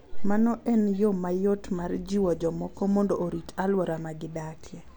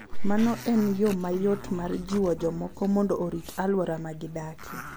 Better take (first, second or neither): first